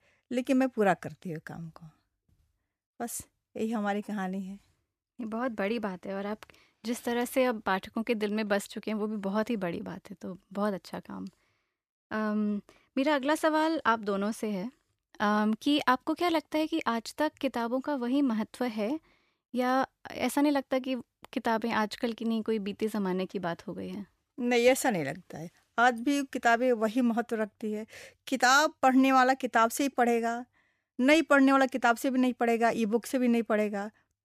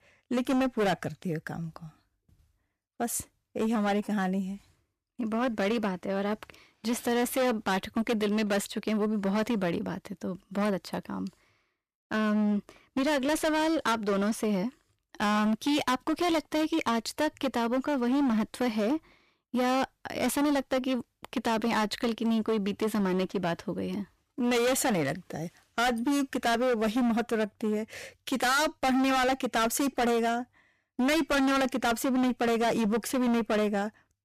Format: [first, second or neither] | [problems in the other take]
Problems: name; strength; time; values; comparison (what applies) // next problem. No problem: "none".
first | distortion; heavy; 18% of the sound clipped